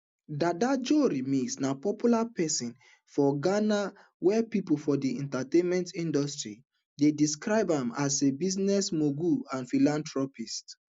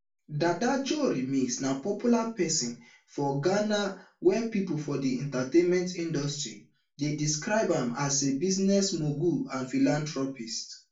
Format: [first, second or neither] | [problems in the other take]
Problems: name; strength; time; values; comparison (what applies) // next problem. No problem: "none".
first | room echo; dies away in 0.3 s